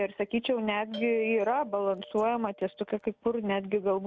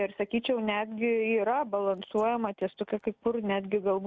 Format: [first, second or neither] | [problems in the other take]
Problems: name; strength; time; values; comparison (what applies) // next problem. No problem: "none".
second | background sound (Doorbell); 17 dB below the speech